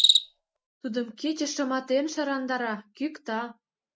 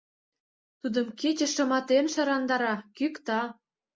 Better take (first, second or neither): second